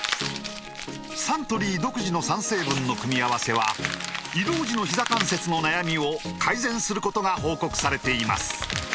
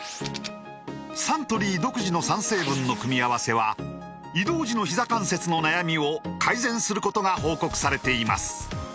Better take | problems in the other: second | background sound (Crumpling, crinkling); 8 dB below the speech

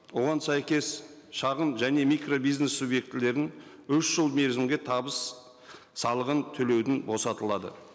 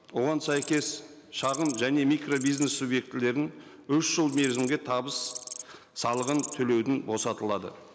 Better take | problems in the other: first | background sound (Insect); 14 dB below the speech

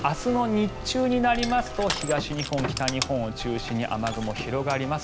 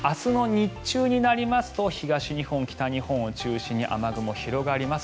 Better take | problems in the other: second | background sound (Crushing + Car); 8 dB below the speech

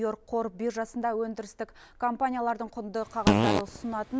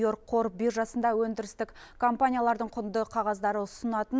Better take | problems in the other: second | background sound (Fart); 4 dB above the speech

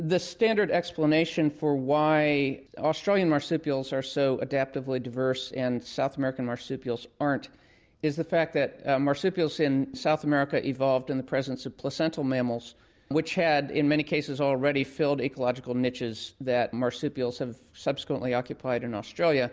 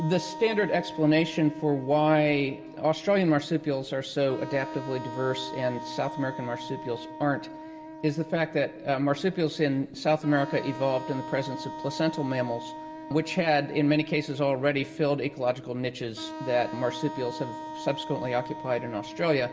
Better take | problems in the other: first | background sound (Wind instrument, woodwind instrument); 12 dB below the speech // room echo; dies away in 2.7 s

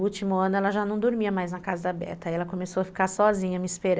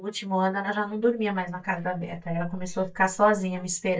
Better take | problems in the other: first | noise reduction (neural mask model DeepFilterNet 3)

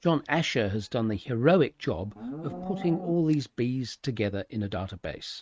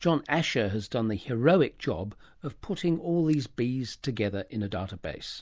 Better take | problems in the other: second | noise reduction (neural mask model RNNoise)

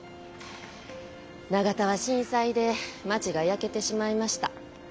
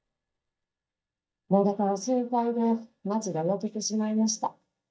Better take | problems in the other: first | noise reduction (neural mask model DeepFilterNet 3)

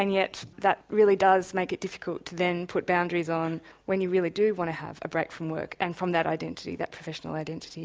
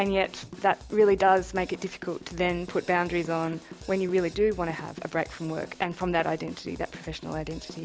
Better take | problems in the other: first | background sound (Drum kit); 17 dB below the speech

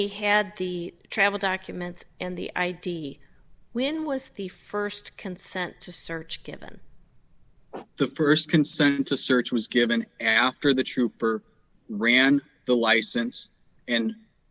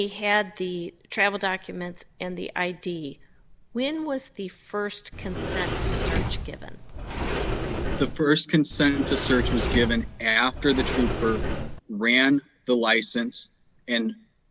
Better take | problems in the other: first | background sound (Sliding door); 2 dB below the speech

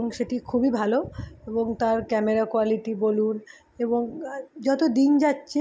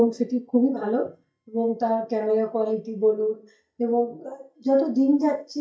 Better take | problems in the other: first | noise reduction (neural mask model DeepFilterNet 3)

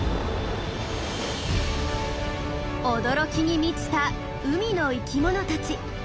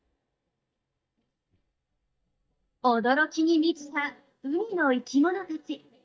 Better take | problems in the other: first | noise reduction (neural mask model DeepFilterNet 3)

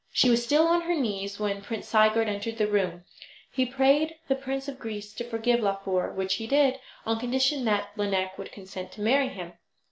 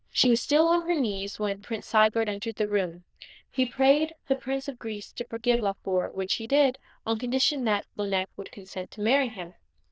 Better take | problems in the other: first | noise reduction (neural diffusion model UNIVERSE++)

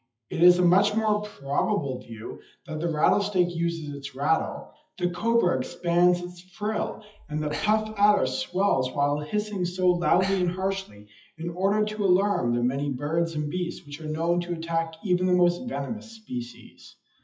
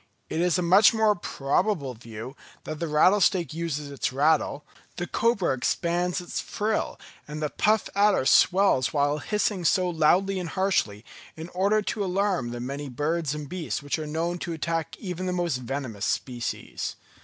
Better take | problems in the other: second | noise reduction (classical method WPE with log-MMSE)

